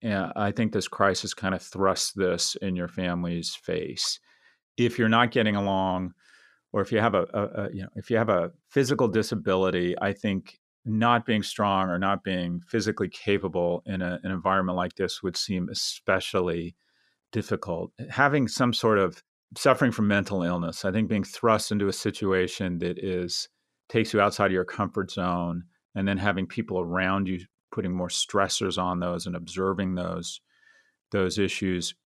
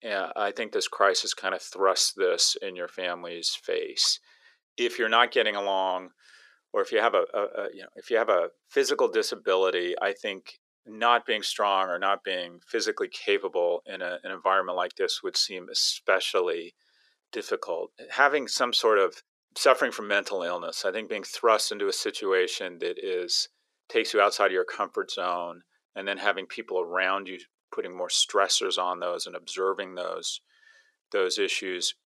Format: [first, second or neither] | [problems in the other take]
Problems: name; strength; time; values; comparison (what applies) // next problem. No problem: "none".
first | thin; very; fading below 400 Hz